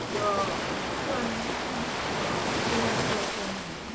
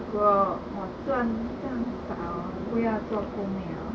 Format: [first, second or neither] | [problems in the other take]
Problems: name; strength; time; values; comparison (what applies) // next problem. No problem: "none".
second | background sound (Ocean); 4 dB above the speech